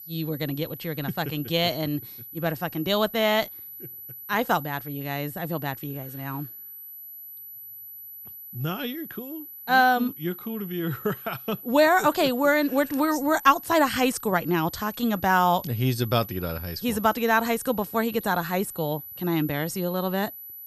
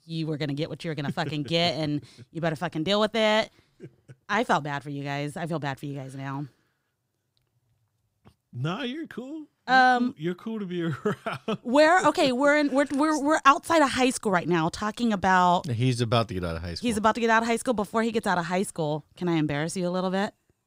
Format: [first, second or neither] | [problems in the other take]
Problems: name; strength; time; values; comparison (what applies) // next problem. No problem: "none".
second | high-pitched whine; noticeable; throughout; 12 kHz, 15 dB below the speech